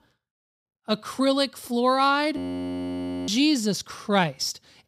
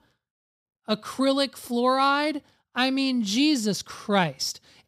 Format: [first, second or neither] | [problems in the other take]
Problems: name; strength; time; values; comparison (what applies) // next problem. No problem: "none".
second | audio freezing; at 2.5 s for 1 s